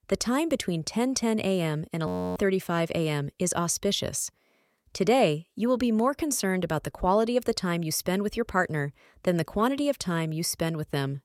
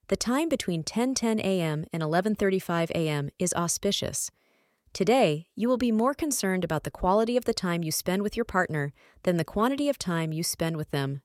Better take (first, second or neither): second